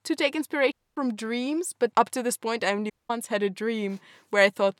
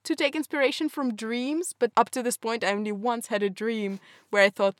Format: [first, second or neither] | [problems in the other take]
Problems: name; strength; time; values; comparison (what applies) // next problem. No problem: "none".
second | audio cutting out; at 0.5 s and at 3 s